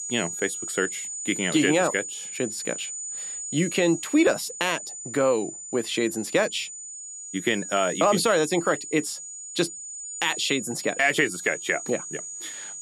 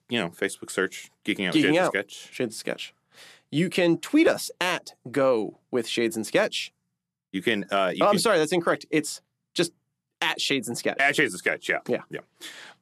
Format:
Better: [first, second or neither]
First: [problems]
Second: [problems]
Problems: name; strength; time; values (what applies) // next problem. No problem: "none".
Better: second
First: high-pitched whine; loud; throughout; 7 kHz, 8 dB below the speech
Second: none